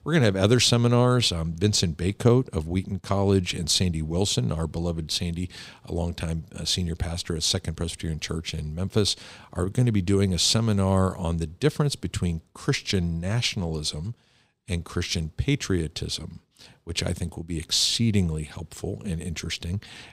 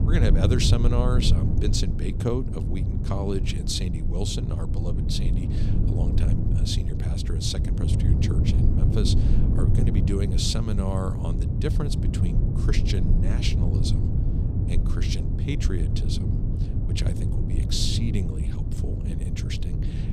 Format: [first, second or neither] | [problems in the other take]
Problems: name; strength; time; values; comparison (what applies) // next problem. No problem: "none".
first | low rumble; loud; throughout; 4 dB below the speech